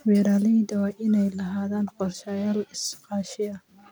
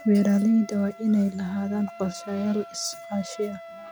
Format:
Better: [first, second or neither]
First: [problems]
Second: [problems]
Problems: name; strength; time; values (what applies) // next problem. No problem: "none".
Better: first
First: none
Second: background sound (Wind instrument, woodwind instrument); 18 dB below the speech